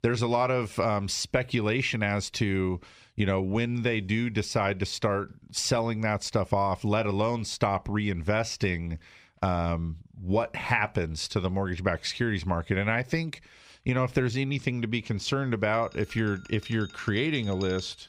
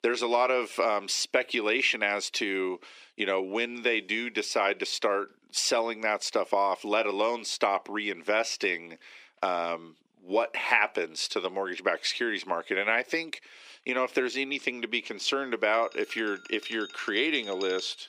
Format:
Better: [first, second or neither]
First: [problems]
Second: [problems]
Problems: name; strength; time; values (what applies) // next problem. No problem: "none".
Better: first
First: none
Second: thin; somewhat; fading below 300 Hz